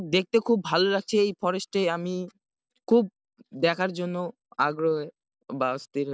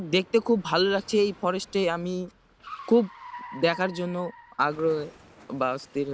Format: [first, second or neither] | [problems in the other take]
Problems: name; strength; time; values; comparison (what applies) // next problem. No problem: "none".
first | background sound (Car); 20 dB below the speech